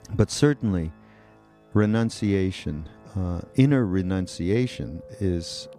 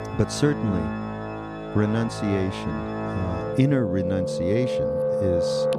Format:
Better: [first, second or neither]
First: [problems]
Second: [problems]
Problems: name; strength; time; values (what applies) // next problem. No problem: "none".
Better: first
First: background music; faint; throughout; 25 dB below the speech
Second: background music; loud; throughout; 2 dB below the speech